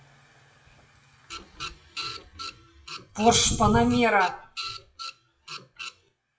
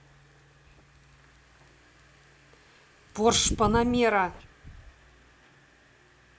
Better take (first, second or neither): second